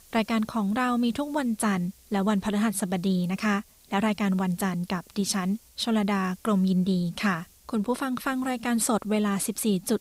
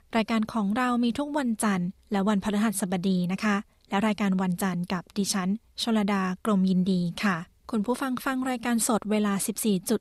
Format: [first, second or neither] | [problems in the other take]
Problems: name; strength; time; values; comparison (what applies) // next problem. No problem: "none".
second | hiss; faint; throughout; 25 dB below the speech